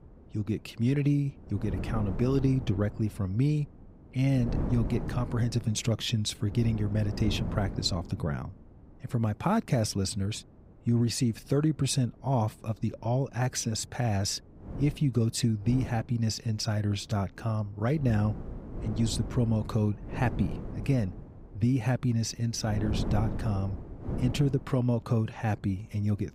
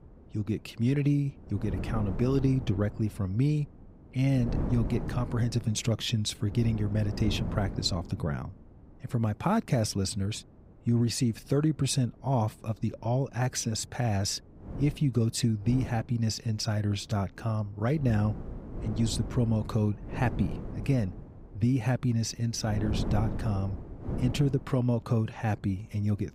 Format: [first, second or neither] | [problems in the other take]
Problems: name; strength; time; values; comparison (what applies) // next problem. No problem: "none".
neither | wind noise on the microphone; occasional gusts; 10 dB below the speech; the same in both